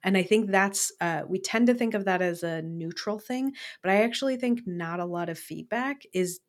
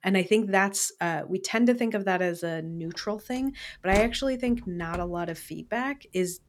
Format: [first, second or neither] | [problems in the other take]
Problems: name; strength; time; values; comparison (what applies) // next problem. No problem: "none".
first | door banging; noticeable; from 3.5 to 5 s; peak 8 dB below the speech